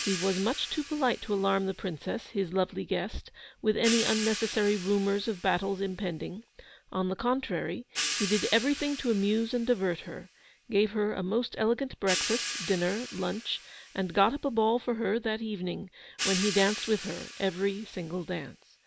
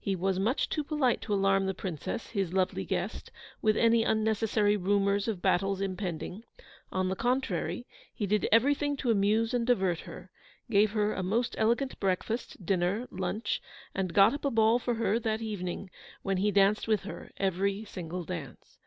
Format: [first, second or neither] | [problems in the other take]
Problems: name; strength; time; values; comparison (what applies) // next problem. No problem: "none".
second | background sound (Hi-hat); 10 dB below the speech